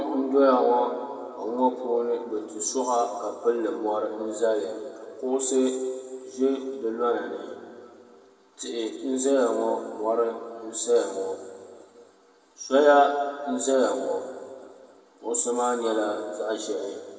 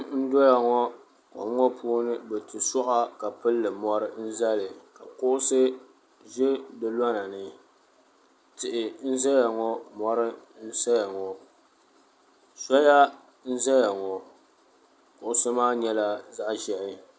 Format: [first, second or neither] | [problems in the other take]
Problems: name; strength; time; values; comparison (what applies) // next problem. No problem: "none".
second | room echo; dies away in 1.8 s